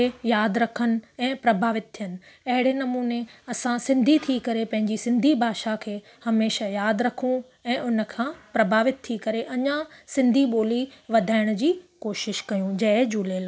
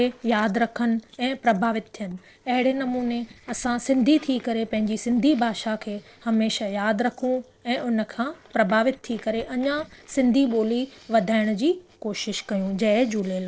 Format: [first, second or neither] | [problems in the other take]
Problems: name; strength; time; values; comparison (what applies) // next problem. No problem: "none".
first | noise reduction (neural separator model SepFormer DNS4)